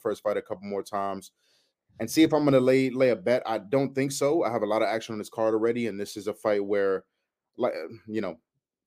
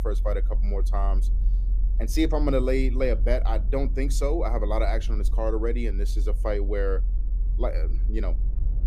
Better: first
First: none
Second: low rumble; noticeable; throughout; 20 dB below the speech

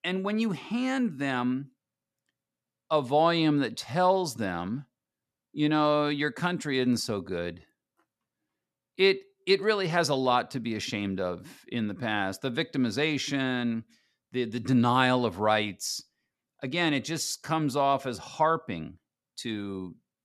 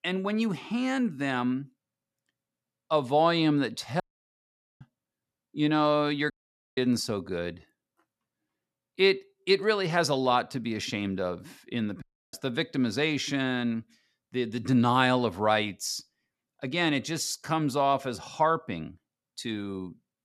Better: first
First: none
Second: audio cutting out; at 4 s for 1 s, at 6.5 s and at 12 s

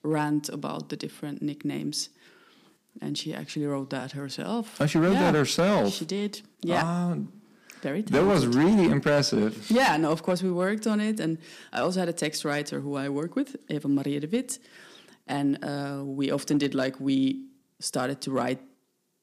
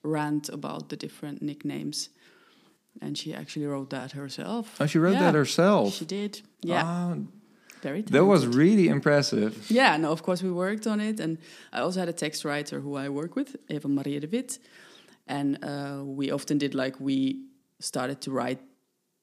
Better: second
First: distortion; slight; 3% of the sound clipped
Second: none

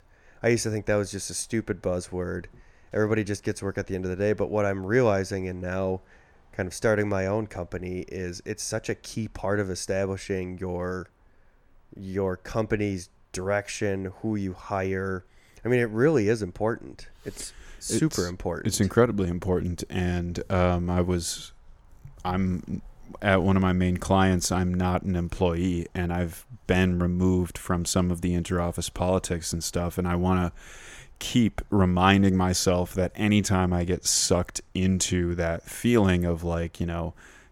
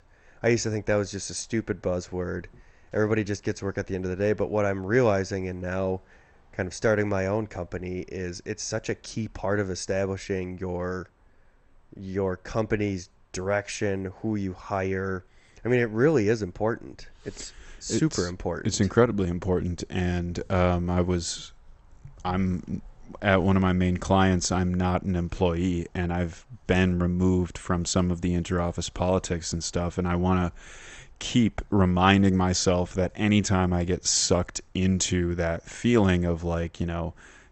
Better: first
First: none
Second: garbled, watery; slightly; nothing above 8 kHz

